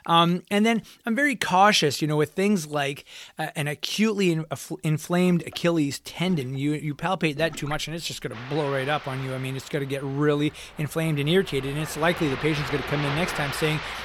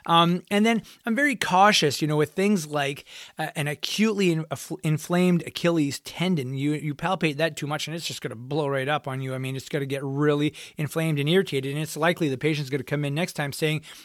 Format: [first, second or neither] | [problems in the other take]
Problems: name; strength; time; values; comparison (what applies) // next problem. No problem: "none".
second | rain or running water; noticeable; throughout; 10 dB below the speech